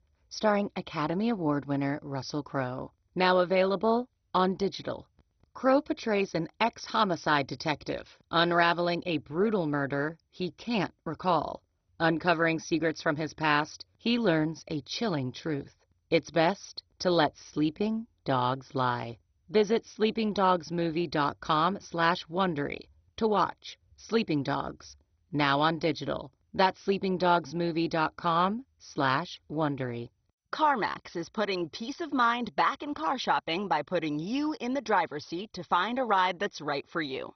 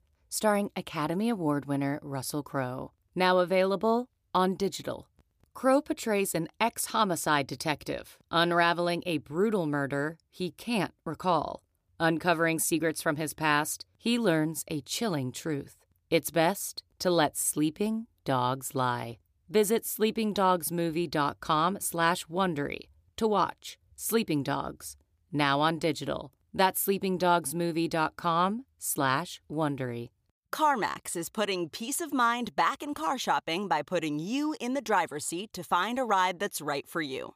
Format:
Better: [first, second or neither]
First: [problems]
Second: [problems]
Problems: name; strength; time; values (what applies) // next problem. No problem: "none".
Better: second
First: garbled, watery; badly; nothing above 6 kHz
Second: none